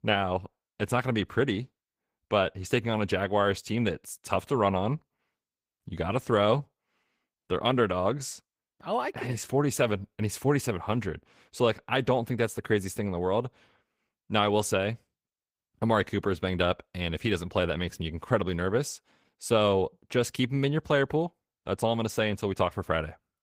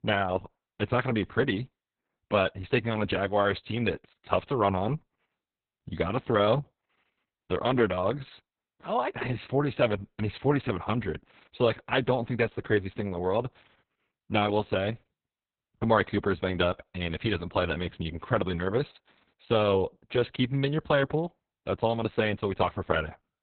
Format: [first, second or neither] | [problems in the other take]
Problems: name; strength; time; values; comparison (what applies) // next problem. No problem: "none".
first | garbled, watery; badly; nothing above 3.5 kHz; slightly in the first